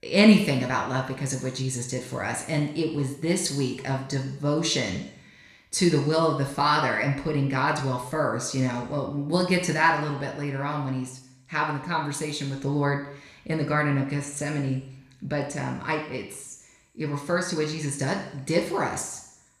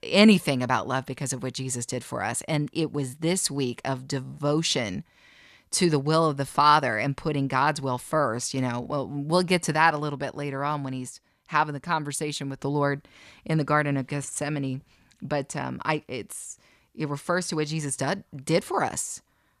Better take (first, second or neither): second